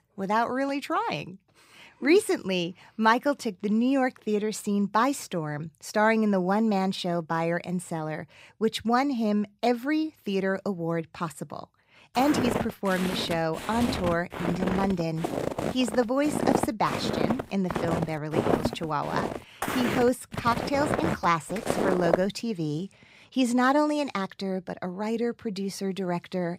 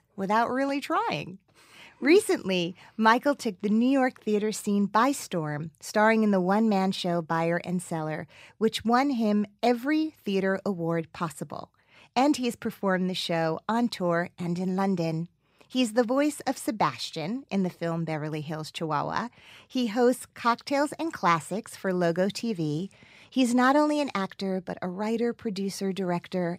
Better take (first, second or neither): second